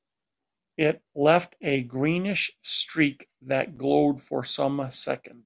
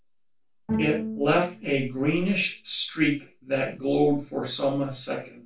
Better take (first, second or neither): first